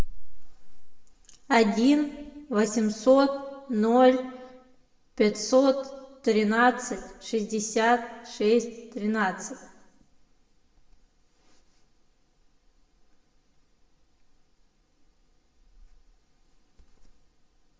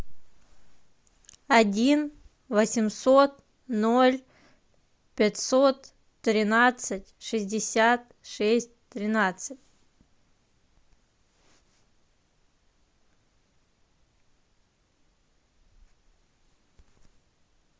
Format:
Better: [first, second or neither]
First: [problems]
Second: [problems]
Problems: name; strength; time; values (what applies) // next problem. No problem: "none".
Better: second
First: room echo; dies away in 0.7 s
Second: none